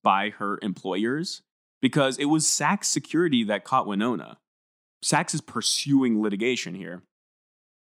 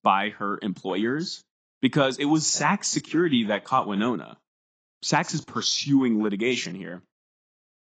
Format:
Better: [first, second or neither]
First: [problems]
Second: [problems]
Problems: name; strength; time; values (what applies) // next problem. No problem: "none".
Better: first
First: none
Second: garbled, watery; badly; nothing above 7.5 kHz